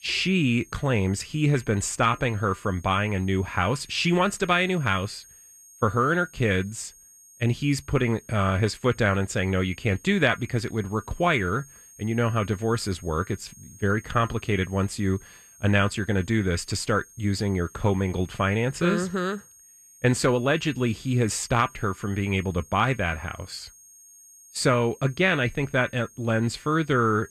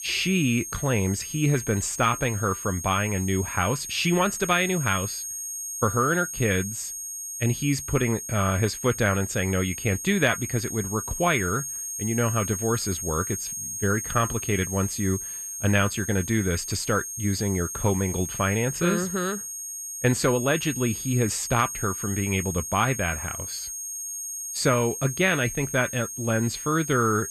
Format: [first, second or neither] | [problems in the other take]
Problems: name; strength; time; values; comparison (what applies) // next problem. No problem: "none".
first | high-pitched whine; loud; throughout; 6.5 kHz, 6 dB below the speech; faint in the first